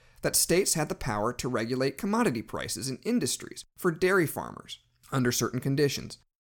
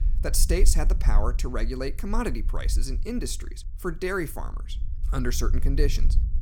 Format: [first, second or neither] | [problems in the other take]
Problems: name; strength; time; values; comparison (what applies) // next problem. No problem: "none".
first | low rumble; noticeable; throughout; 20 dB below the speech